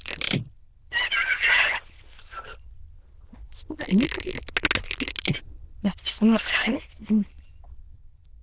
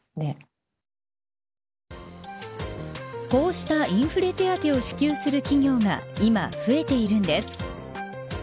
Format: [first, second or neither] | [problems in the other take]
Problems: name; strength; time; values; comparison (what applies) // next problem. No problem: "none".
second | noise reduction (neural diffusion model UNIVERSE++)